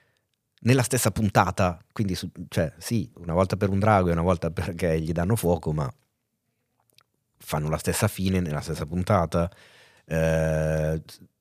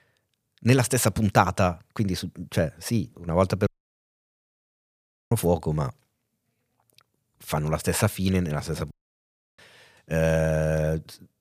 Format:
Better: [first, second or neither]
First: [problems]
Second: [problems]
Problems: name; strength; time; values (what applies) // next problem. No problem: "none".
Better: first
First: none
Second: audio cutting out; at 3.5 s for 1.5 s and at 9 s for 0.5 s